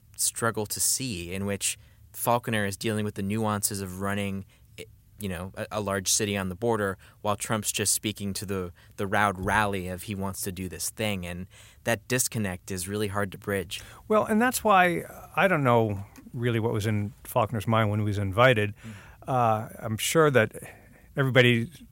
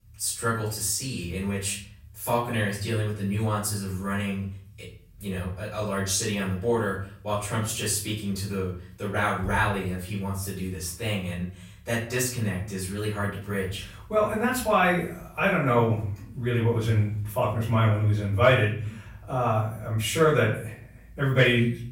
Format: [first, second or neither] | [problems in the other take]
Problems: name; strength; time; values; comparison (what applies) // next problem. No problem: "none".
first | off-mic speech; far // room echo; noticeable; dies away in 0.5 s